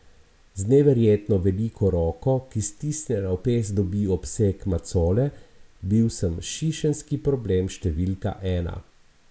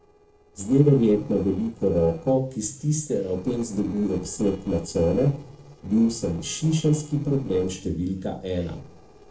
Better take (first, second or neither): first